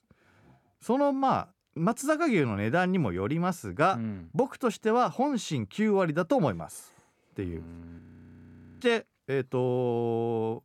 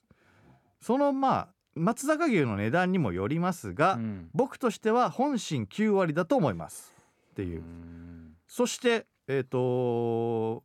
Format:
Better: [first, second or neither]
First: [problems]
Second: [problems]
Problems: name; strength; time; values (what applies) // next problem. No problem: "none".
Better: second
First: audio freezing; at 8 s for 1 s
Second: none